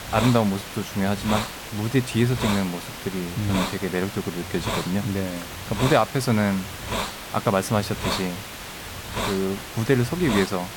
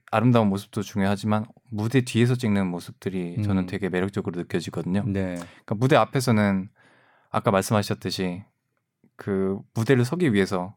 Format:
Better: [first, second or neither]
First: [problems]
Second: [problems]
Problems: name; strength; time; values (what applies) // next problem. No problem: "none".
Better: second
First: hiss; loud; throughout; 6 dB below the speech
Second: none